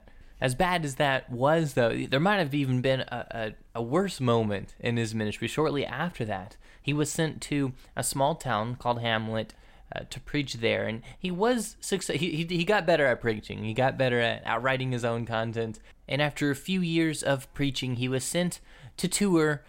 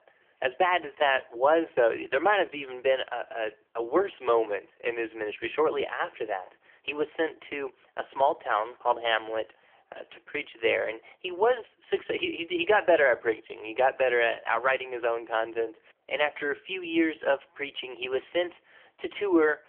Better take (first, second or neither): first